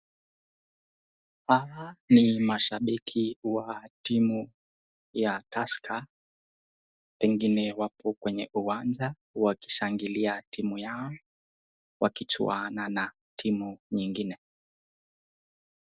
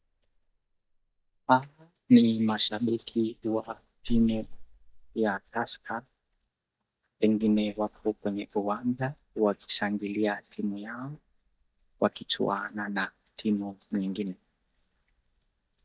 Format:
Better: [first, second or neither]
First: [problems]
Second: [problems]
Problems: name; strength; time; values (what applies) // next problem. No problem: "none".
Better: first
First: none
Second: noise reduction (neural mask model DeepFilterNet 3)